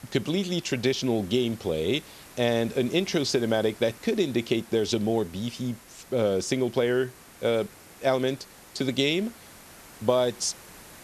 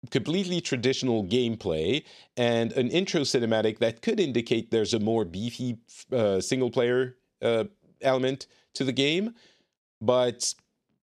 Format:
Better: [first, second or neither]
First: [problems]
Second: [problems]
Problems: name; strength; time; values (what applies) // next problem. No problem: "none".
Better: second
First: hiss; faint; throughout; 20 dB below the speech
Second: none